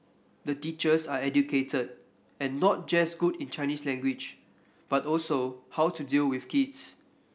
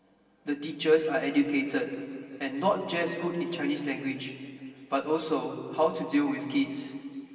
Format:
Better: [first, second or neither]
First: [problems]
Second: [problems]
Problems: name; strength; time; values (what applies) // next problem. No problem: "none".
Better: first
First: none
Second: room echo; dies away in 2.6 s